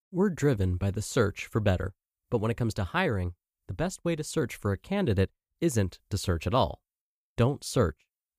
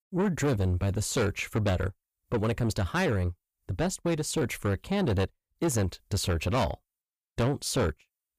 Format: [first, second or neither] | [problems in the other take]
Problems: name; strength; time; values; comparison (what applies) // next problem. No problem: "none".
first | distortion; heavy; 8 dB below the speech